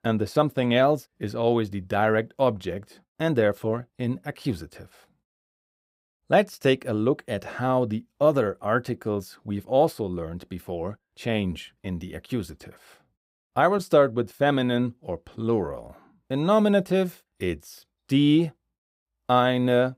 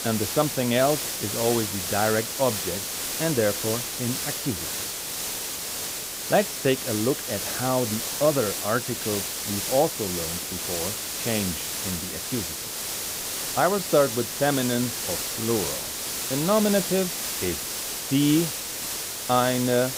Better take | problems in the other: first | hiss; loud; throughout; 2 dB below the speech

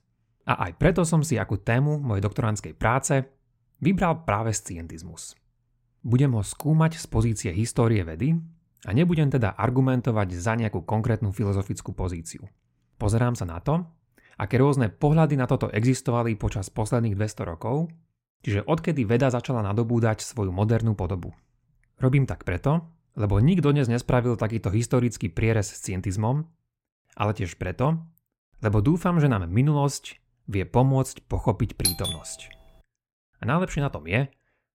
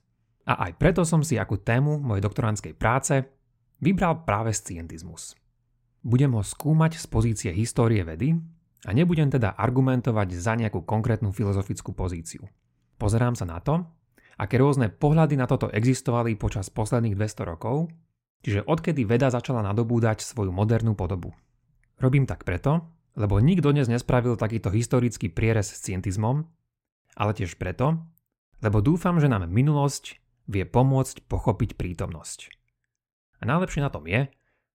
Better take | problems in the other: second | doorbell; noticeable; at 32 s; peak level with the speech

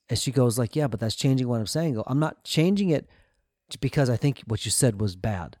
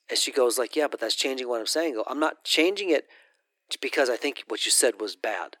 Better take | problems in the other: first | thin; very; fading below 300 Hz

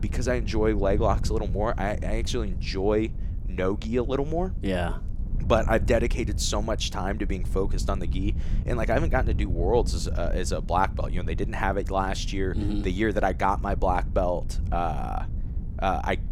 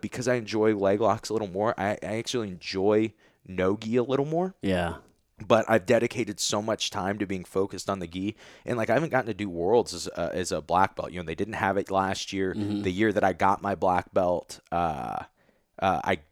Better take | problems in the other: second | wind noise on the microphone; occasional gusts; 20 dB below the speech

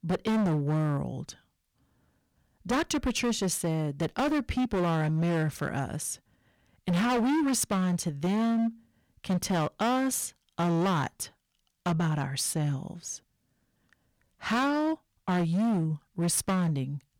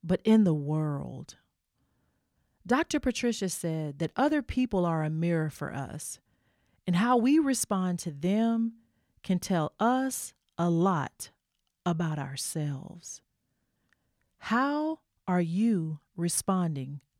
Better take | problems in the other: second | distortion; heavy; 18% of the sound clipped

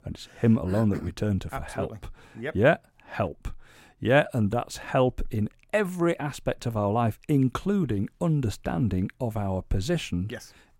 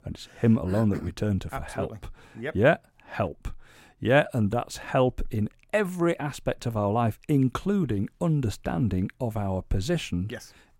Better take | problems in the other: neither | none

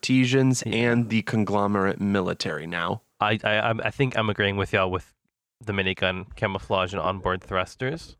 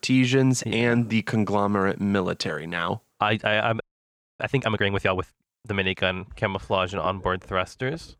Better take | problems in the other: first | audio freezing; at 4 s for 0.5 s

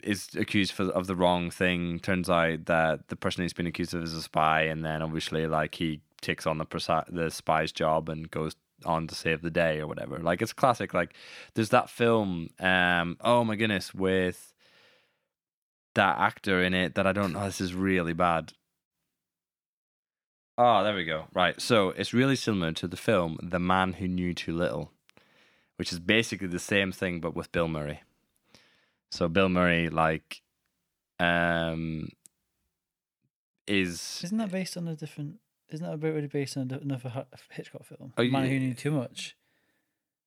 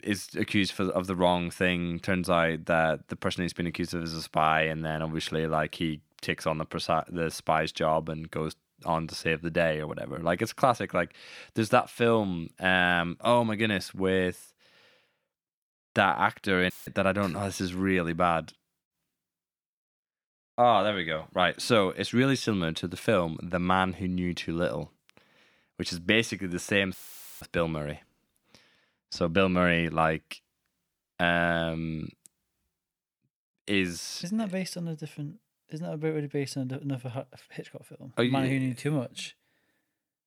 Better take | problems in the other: first | audio cutting out; filled with static; at 17 s and at 27 s

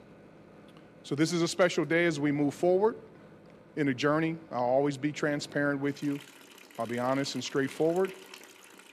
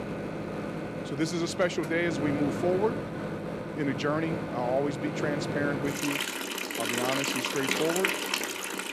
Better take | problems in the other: first | household noises; loud; throughout; 1 dB below the speech; faint in the first

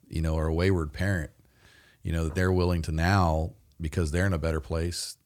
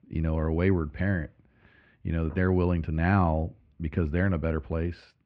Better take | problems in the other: first | muffled; very; fading above 2.5 kHz

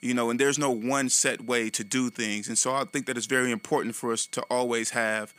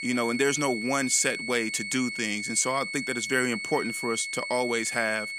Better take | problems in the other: first | high-pitched whine; loud; throughout; 2 kHz, 5 dB below the speech; faint in the first

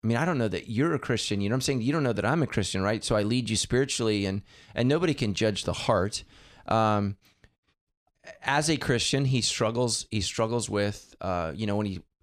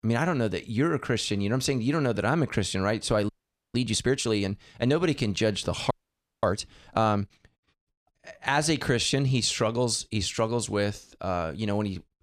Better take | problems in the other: first | audio freezing; at 3.5 s and at 6 s for 0.5 s

